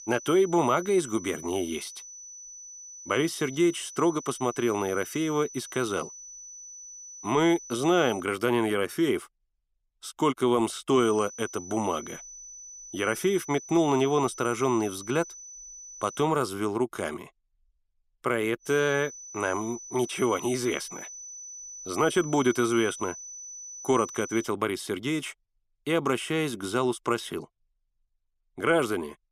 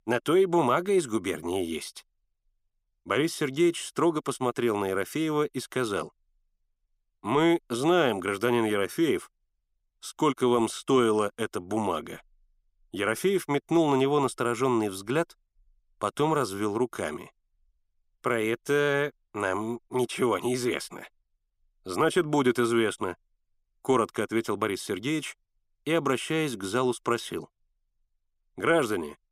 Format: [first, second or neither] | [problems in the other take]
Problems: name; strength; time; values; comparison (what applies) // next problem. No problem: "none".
second | high-pitched whine; noticeable; until 8 s, from 11 to 16 s and from 19 to 24 s; 6 kHz, 15 dB below the speech